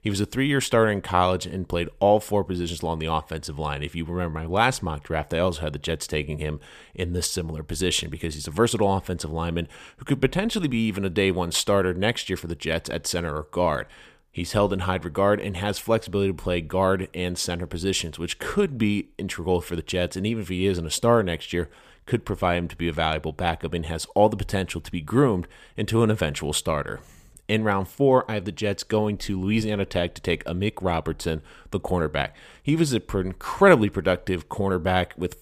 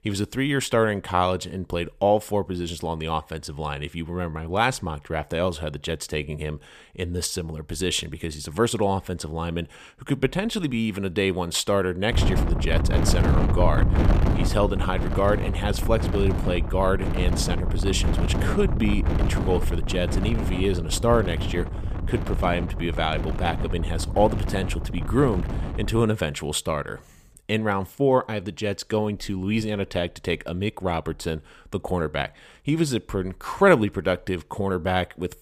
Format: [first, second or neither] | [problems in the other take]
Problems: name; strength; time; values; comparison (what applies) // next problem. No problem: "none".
first | wind noise on the microphone; heavy; from 12 to 26 s; 8 dB below the speech